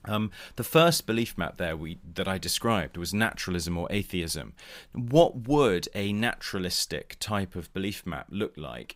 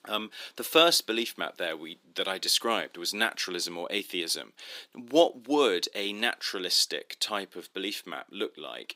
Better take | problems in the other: first | thin; somewhat; fading below 300 Hz

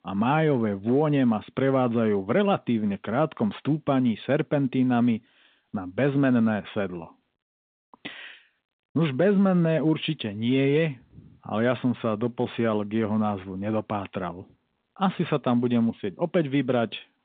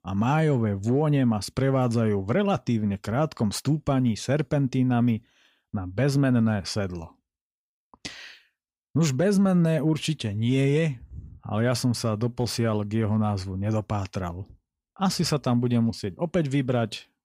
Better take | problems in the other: second | phone-call audio; nothing above 3.5 kHz

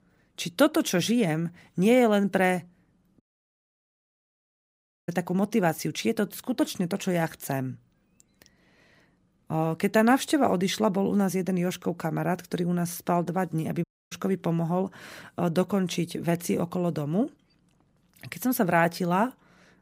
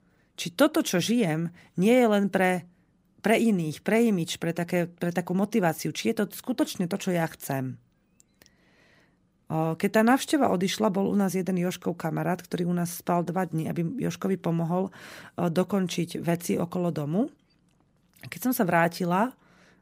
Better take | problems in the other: second | audio cutting out; at 3 s for 2 s and at 14 s

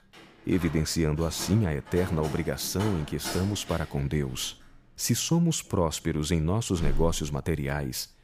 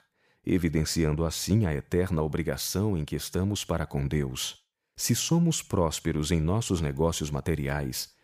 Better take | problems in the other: second | door banging; noticeable; from 0.5 to 7.5 s; peak 7 dB below the speech

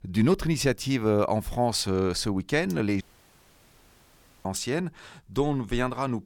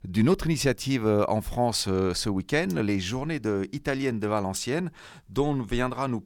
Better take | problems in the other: second | audio cutting out; at 3 s for 1.5 s

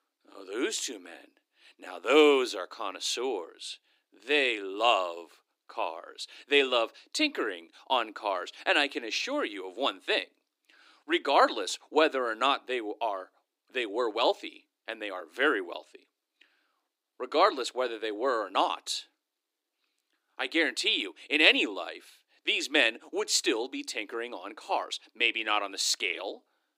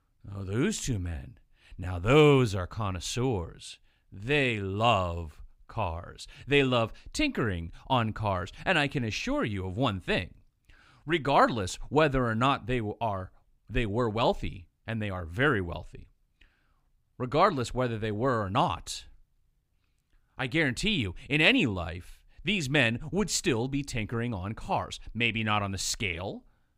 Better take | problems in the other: second | thin; somewhat; fading below 300 Hz

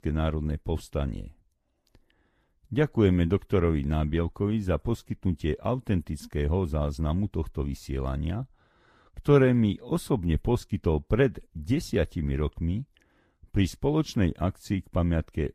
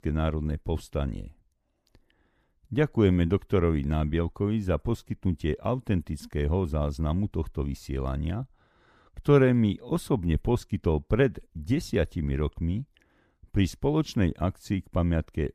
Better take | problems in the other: second | garbled, watery; slightly; nothing above 15 kHz

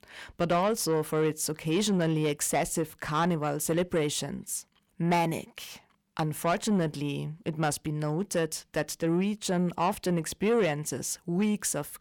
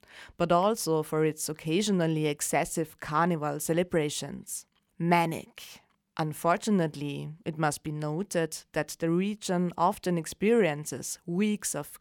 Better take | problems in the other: second | distortion; slight; 10 dB below the speech

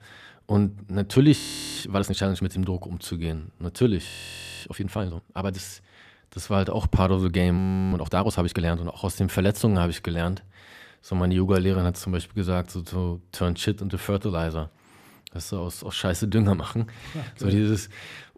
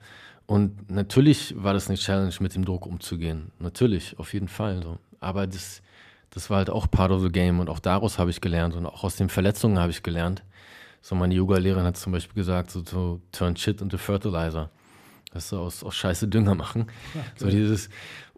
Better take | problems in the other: second | audio freezing; at 1.5 s, at 4 s for 0.5 s and at 7.5 s

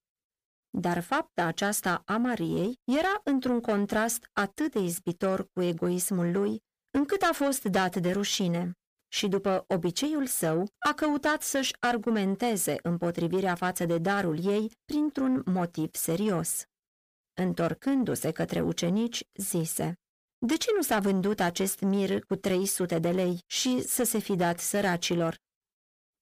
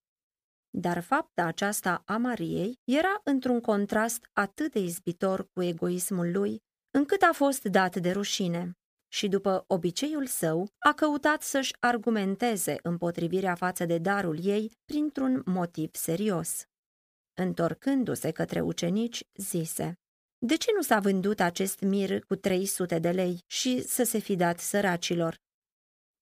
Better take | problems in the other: second | distortion; slight; 10 dB below the speech

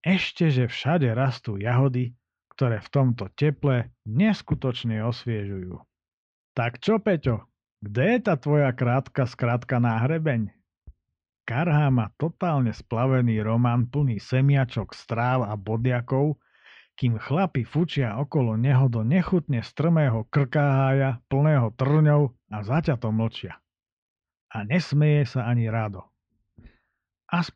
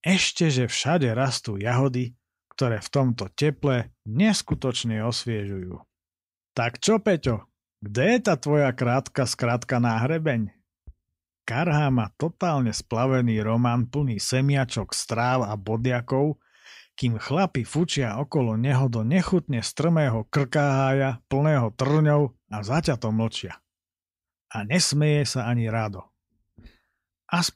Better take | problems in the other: second | muffled; slightly; fading above 3 kHz

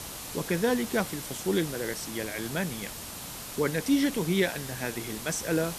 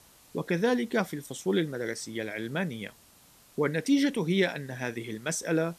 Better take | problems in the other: second | hiss; loud; throughout; 8 dB below the speech; faint in the second

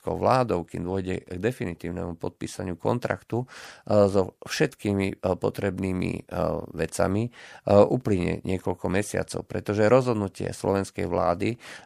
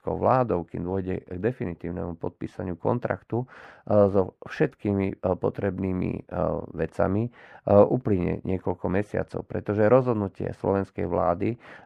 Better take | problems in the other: first | muffled; very; fading above 3.5 kHz

